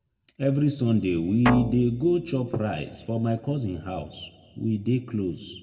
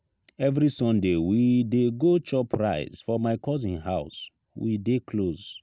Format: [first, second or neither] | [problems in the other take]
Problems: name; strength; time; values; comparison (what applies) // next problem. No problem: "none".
second | background sound (Guitar); 4 dB below the speech // room echo; dies away in 1.1 s